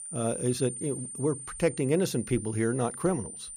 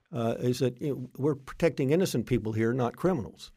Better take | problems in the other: second | high-pitched whine; loud; throughout; 9 kHz, 8 dB below the speech

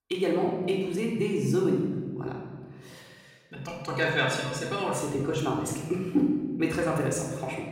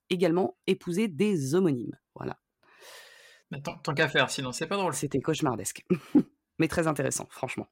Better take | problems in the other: second | off-mic speech; far // room echo; noticeable; dies away in 1.4 s

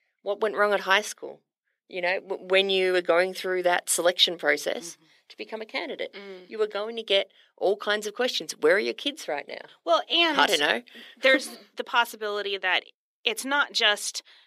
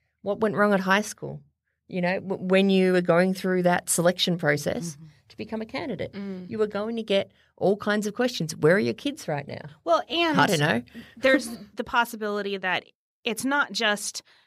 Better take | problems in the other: second | thin; somewhat; fading below 300 Hz

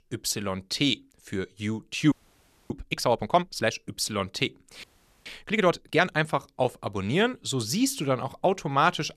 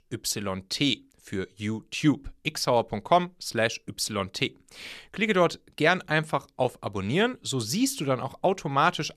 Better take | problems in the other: second | audio freezing; at 2 s for 0.5 s and at 5 s

